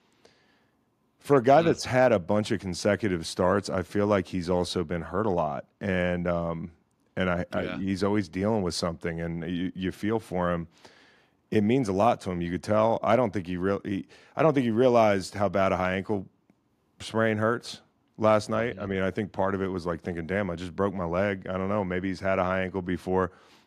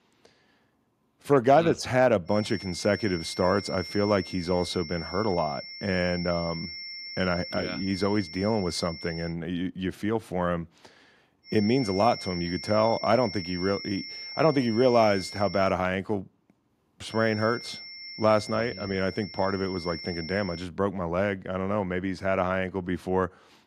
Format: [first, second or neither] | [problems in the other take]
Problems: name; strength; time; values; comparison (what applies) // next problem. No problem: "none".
first | high-pitched whine; noticeable; from 2.5 to 9.5 s, from 11 to 16 s and from 17 to 21 s; 5.5 kHz, 10 dB below the speech